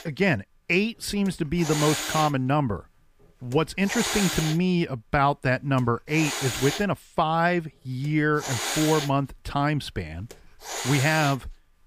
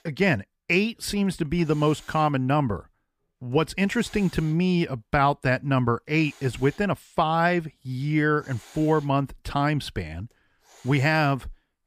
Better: second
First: hiss; loud; throughout; 5 dB below the speech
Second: hiss; faint; throughout; 25 dB below the speech

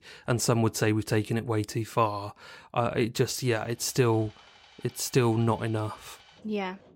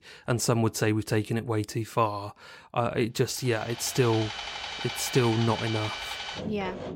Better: first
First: machinery noise; faint; from 3.5 s on; 25 dB below the speech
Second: machinery noise; loud; from 3.5 s on; 7 dB below the speech

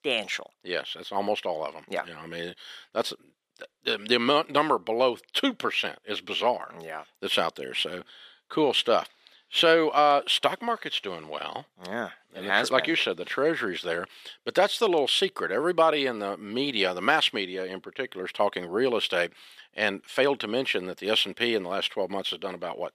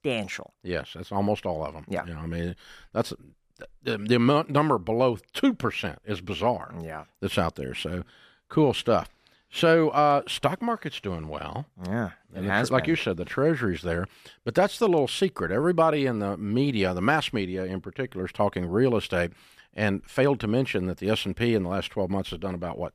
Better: second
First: thin; somewhat; fading below 350 Hz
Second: none

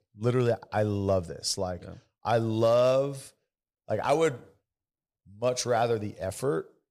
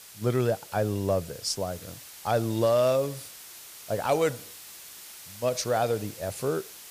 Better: first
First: none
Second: hiss; noticeable; throughout; 15 dB below the speech

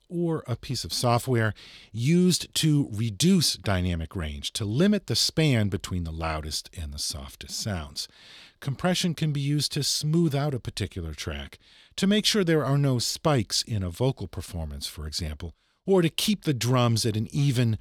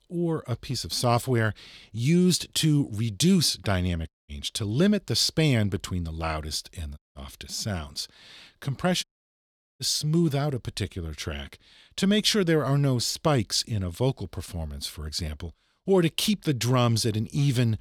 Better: first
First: none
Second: audio cutting out; at 4 s, at 7 s and at 9 s for 1 s

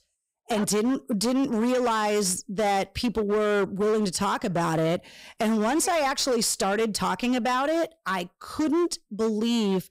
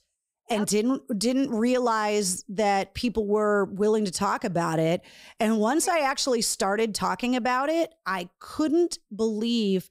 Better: second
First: distortion; slight; 18% of the sound clipped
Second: none

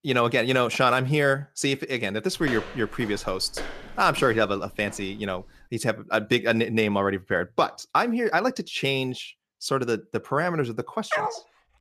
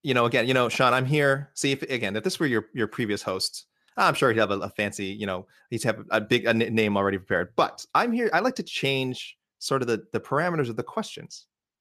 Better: second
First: footsteps; noticeable; from 2.5 to 5.5 s; peak 10 dB below the speech // dog barking; noticeable; at 11 s; peak 2 dB below the speech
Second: none

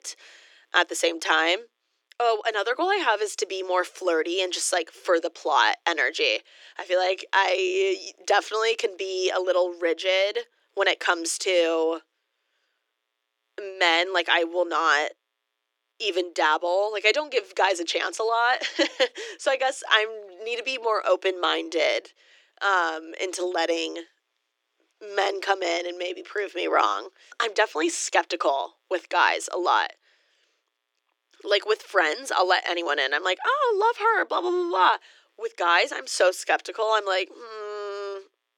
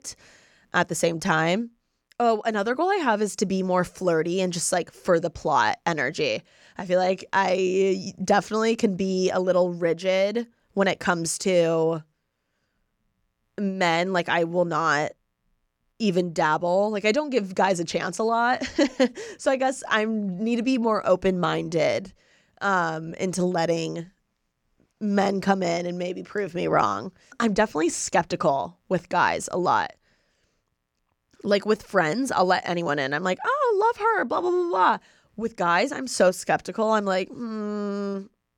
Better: second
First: thin; very; fading below 300 Hz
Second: none

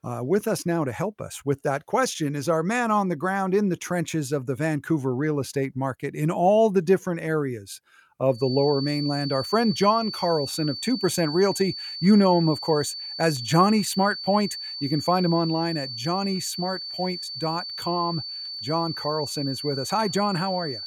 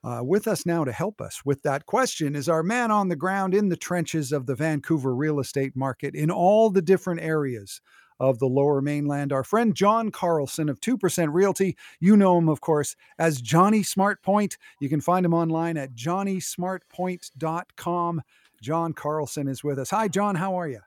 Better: second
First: high-pitched whine; loud; from 8.5 s on; 4.5 kHz, 7 dB below the speech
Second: none

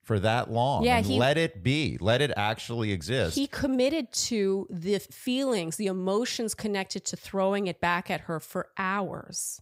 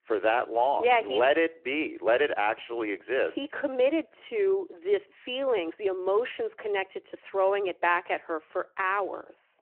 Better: first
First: none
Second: phone-call audio

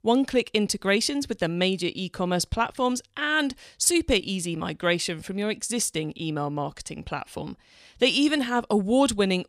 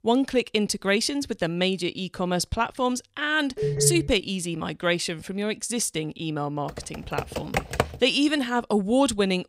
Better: first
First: none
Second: phone ringing; loud; at 3.5 s; peak level with the speech // keyboard typing; noticeable; from 6.5 to 8 s; peak 1 dB below the speech

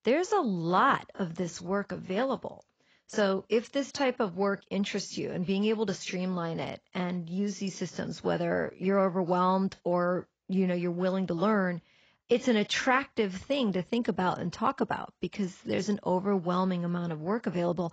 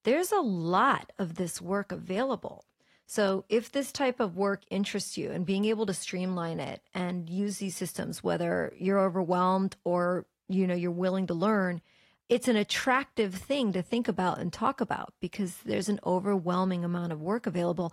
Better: second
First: garbled, watery; badly; nothing above 7.5 kHz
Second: garbled, watery; slightly

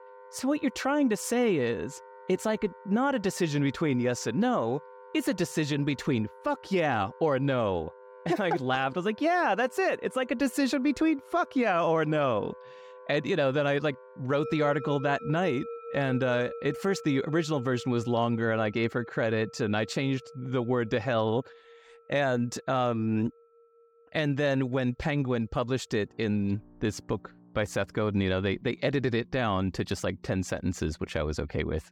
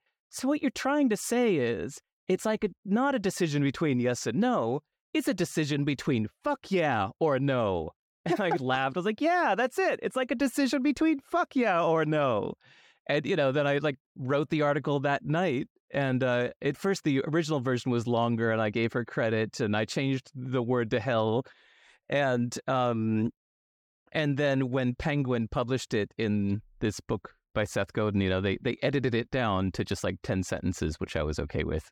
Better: second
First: background music; noticeable; throughout; 20 dB below the speech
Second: none

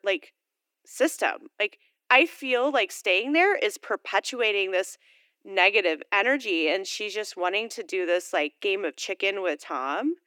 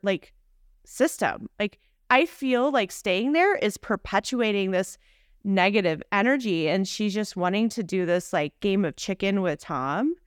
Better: second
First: thin; somewhat; fading below 300 Hz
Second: none

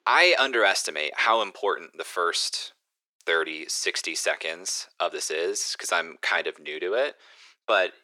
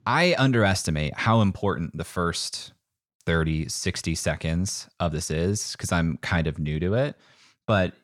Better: second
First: thin; very; fading below 350 Hz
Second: none

